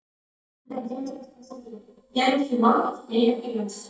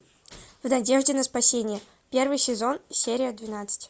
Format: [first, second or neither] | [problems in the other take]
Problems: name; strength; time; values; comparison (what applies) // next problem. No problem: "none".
second | noise reduction (neural mask model DeepFilterNet 3)